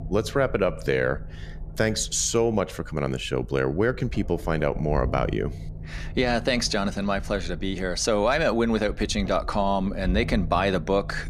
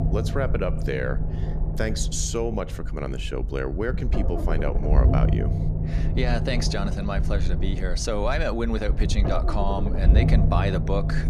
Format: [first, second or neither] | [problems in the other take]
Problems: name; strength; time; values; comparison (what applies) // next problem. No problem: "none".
first | low rumble; loud; throughout; 7 dB below the speech; faint in the first